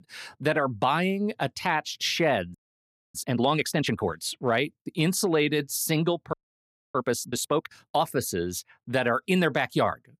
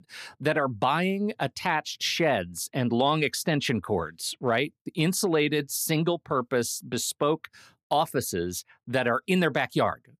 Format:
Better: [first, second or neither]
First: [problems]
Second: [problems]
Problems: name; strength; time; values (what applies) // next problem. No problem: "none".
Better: second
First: audio freezing; at 2.5 s for 0.5 s and at 6.5 s for 0.5 s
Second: none